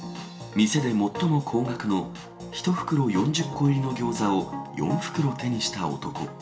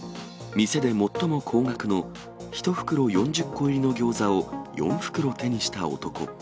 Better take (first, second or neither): second